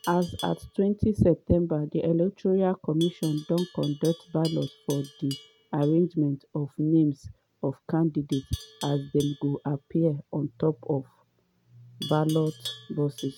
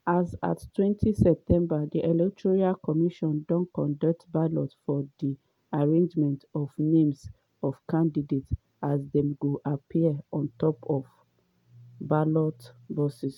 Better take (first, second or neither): second